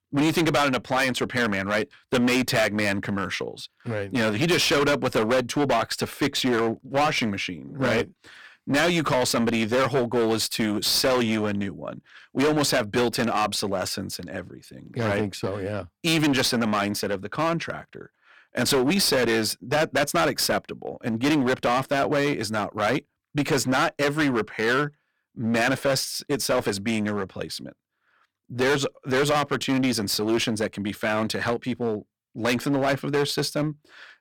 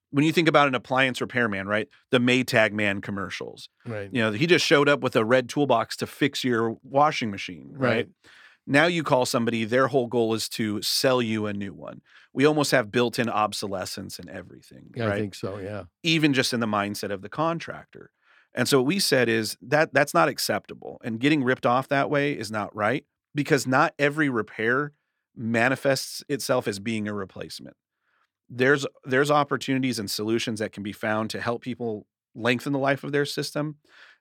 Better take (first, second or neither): second